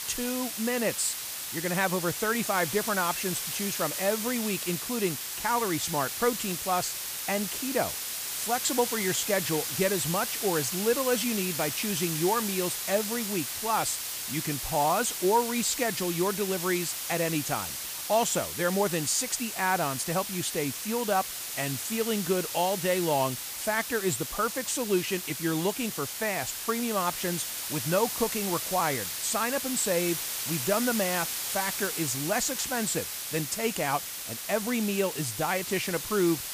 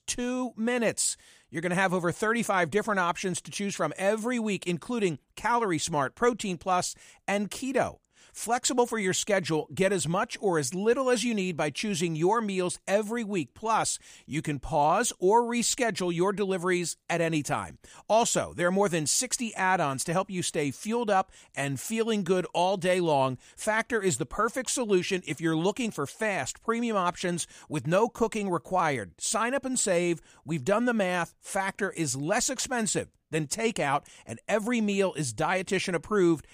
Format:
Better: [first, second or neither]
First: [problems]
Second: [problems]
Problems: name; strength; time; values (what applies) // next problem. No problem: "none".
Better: second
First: hiss; loud; throughout; 3 dB below the speech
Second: none